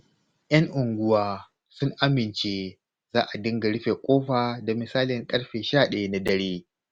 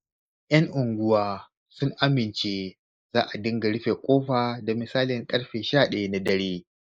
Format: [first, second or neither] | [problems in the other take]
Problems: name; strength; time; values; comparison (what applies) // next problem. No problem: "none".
first | noise reduction (neural mask model Resemble Enhance denoiser)